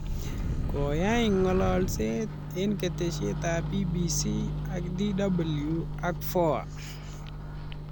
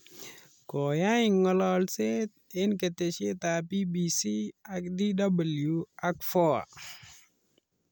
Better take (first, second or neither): second